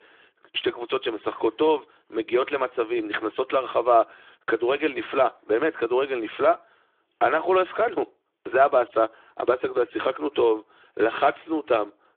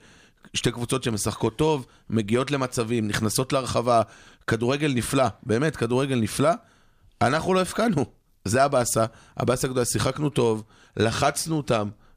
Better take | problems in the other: second | phone-call audio; nothing above 3.5 kHz

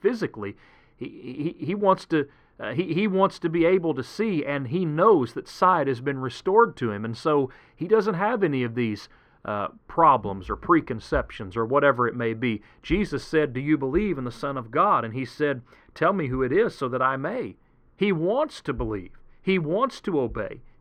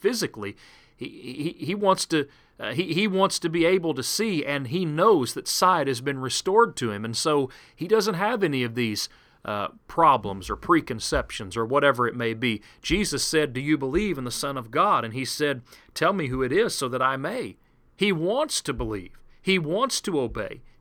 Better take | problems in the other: second | muffled; very; fading above 3.5 kHz

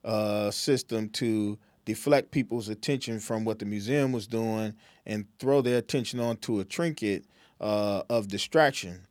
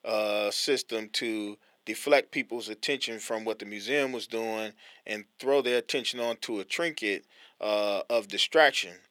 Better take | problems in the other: first | thin; somewhat; fading below 450 Hz

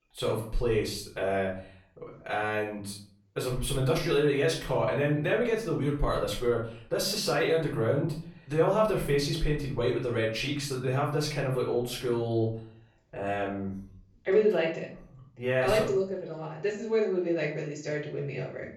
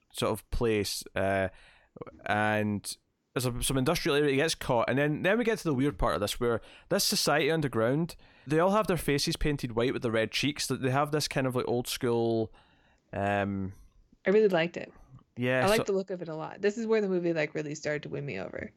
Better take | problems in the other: second | off-mic speech; far // room echo; slight; dies away in 0.5 s

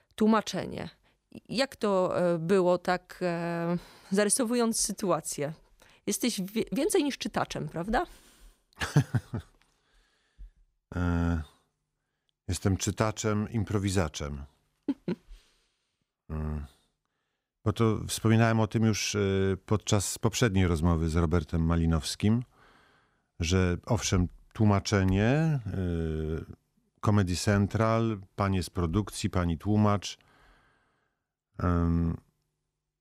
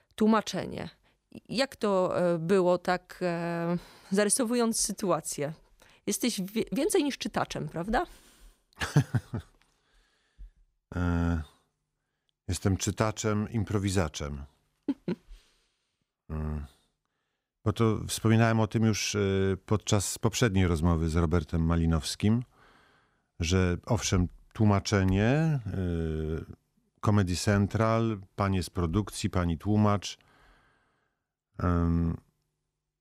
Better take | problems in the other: neither | none

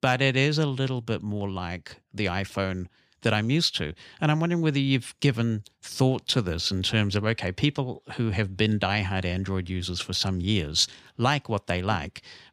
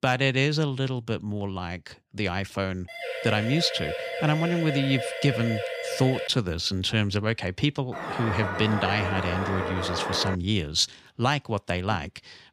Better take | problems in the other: first | siren; noticeable; from 3 to 6.5 s; peak 4 dB below the speech // alarm; noticeable; from 8 to 10 s; peak 3 dB below the speech

